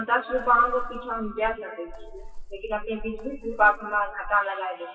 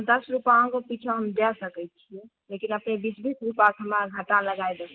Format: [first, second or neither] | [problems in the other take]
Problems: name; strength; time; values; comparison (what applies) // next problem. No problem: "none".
second | noise reduction (classical method WPE with log-MMSE)